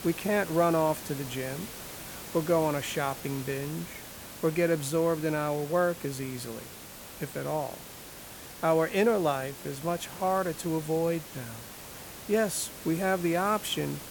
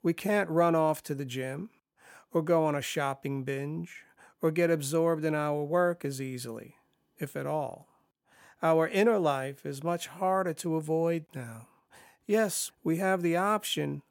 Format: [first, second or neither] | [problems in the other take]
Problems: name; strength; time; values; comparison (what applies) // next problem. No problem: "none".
second | hiss; noticeable; throughout; 10 dB below the speech